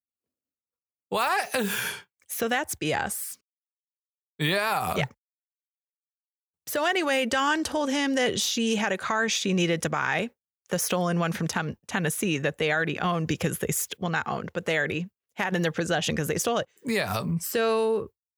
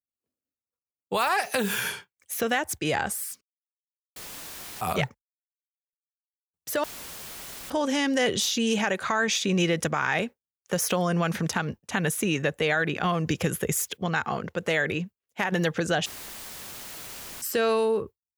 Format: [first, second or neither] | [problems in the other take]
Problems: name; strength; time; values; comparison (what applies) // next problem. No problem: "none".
first | audio cutting out; filled with static; at 4 s for 0.5 s, at 7 s for 1 s and at 16 s for 1.5 s